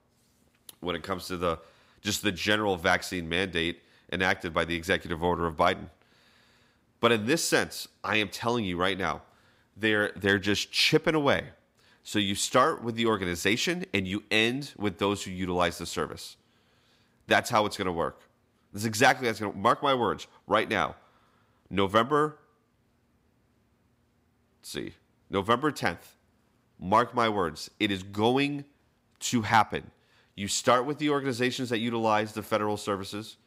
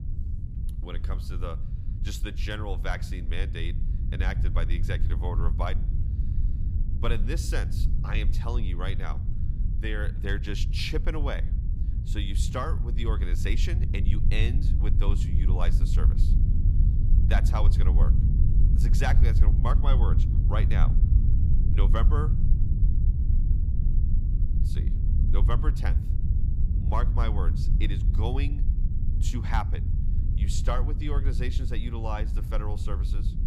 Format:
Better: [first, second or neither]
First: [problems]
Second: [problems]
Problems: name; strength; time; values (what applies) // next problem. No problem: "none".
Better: first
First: none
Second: low rumble; loud; throughout; 7 dB below the speech